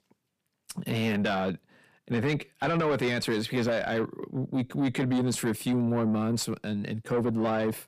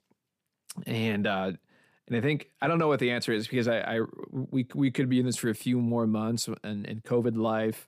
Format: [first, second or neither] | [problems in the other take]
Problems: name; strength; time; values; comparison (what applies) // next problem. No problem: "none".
second | distortion; slight; 10 dB below the speech